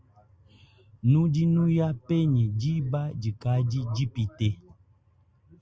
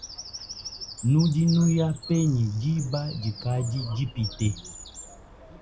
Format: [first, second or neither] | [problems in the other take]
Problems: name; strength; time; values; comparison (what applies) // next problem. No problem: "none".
first | background sound (Bird vocalization, bird call, bird song); 15 dB below the speech // room echo; dies away in 0.2 s